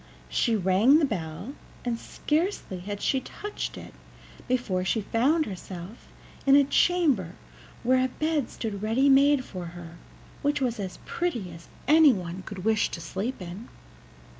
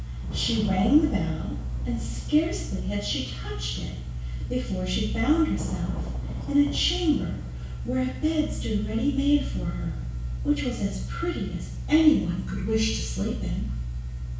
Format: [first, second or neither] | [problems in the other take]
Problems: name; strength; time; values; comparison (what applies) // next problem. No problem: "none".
first | background sound (Thunder / Rain); 17 dB below the speech // room echo; dies away in 0.6 s